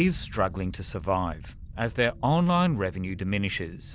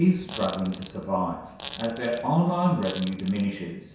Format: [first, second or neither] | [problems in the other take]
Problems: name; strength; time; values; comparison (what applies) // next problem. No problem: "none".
first | background sound (Fart); 16 dB below the speech // room echo; dies away in 0.7 s